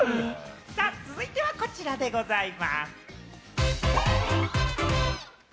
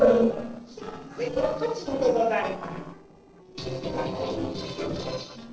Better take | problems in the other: first | noise reduction (neural separator model SepFormer DNS4)

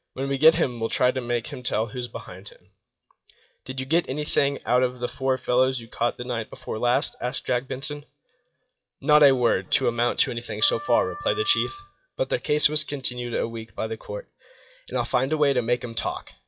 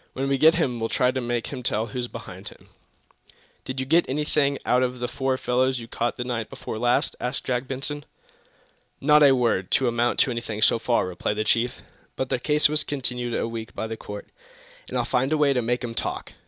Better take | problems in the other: second | noise reduction (classical method WPE with log-MMSE)

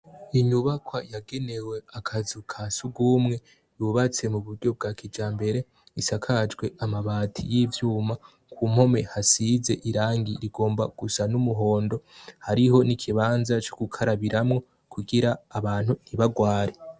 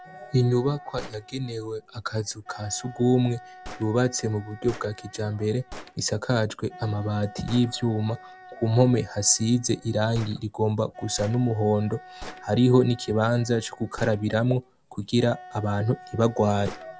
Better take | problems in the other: first | background sound (Wind instrument, woodwind instrument + Gunshot, gunfire); 19 dB below the speech

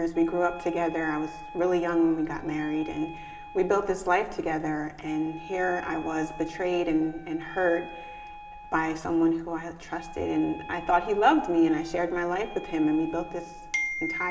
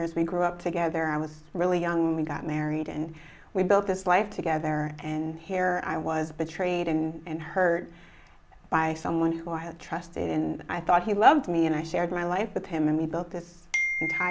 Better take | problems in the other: second | background sound (Wind instrument, woodwind instrument); 17 dB below the speech // room echo; dies away in 2.2 s

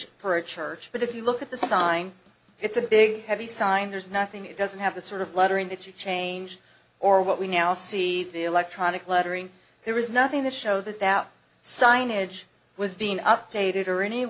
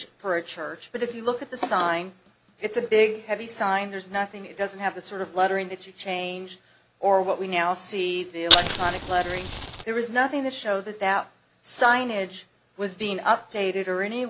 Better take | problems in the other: first | background sound (Fire); 2 dB above the speech

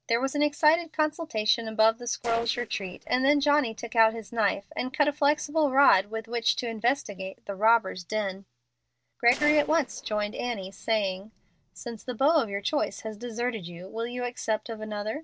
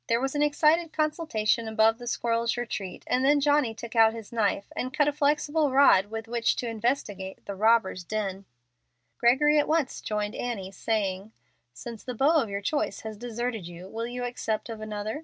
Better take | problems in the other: second | noise reduction (neural separator model SepFormer DNS4)

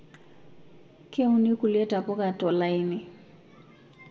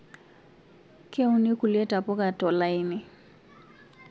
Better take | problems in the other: second | room echo; dies away in 0.9 s

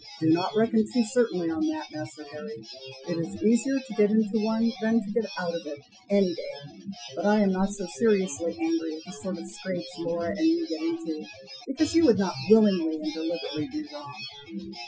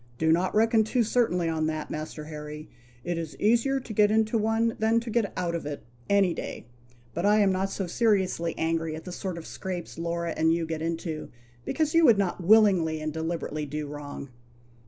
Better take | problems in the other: second | noise reduction (classical method Wiener filter)

